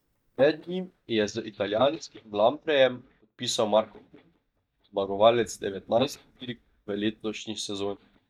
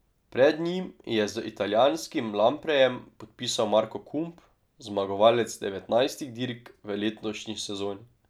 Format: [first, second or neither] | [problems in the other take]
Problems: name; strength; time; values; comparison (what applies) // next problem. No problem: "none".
second | noise reduction (neural mask model DeepFilterNet 3)